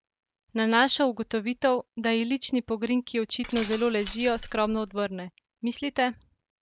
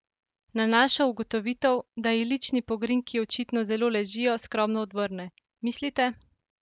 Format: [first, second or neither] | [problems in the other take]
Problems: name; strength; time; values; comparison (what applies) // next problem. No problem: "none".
second | background sound (Glass); 14 dB below the speech